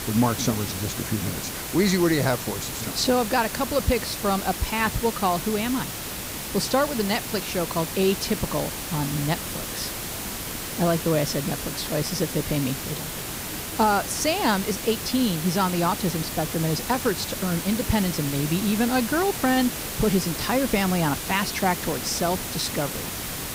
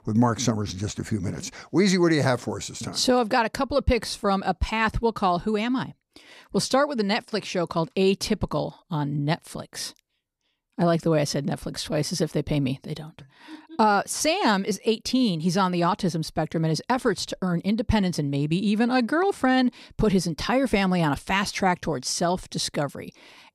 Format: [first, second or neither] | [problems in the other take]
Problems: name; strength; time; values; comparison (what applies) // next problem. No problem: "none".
second | hiss; loud; throughout; 5 dB below the speech